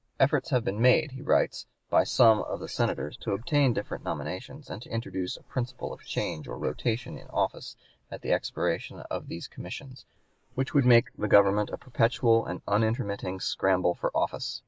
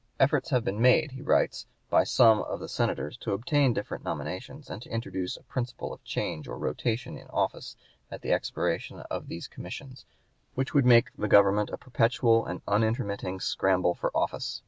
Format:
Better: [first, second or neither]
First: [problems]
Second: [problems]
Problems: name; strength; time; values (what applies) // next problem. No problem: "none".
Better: second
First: noise reduction (neural mask model Resemble Enhance denoiser)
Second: none